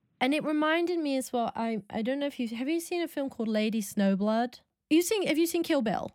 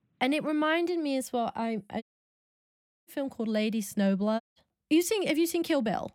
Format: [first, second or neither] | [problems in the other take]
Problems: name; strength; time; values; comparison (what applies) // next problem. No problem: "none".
first | audio cutting out; at 2 s for 1 s and at 4.5 s